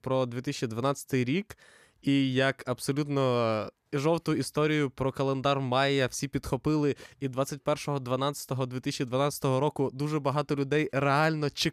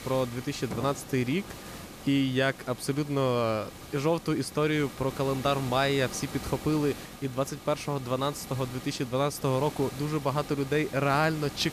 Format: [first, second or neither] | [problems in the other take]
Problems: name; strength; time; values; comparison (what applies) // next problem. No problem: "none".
first | hiss; noticeable; throughout; 15 dB below the speech